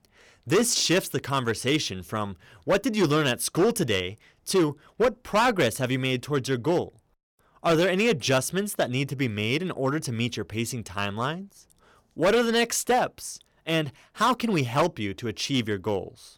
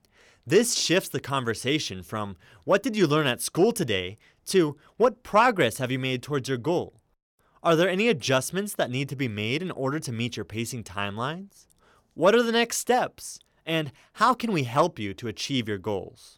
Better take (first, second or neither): second